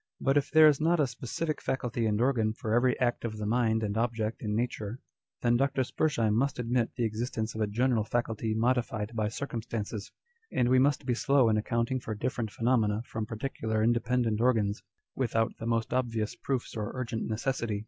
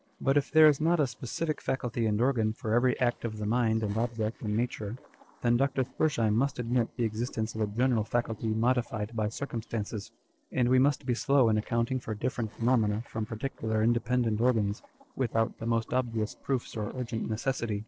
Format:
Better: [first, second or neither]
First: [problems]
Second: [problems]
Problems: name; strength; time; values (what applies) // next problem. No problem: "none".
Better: first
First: none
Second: noise reduction (neural separator model SepFormer DNS4)